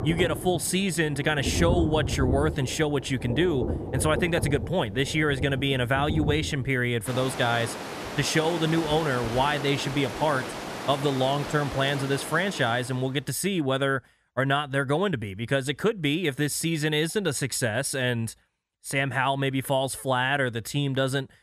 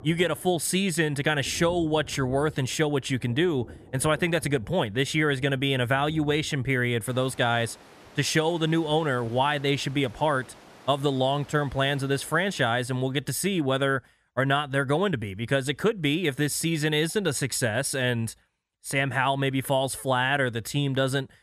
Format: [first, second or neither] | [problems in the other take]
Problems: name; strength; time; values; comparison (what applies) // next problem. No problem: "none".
second | rain or running water; loud; until 13 s; 7 dB below the speech; faint in the second